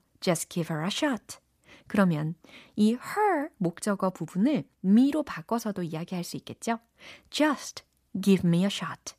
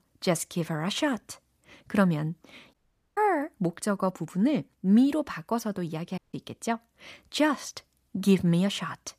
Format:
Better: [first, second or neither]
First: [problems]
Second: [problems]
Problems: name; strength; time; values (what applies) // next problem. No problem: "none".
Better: first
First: none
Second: audio cutting out; at 2.5 s and at 6 s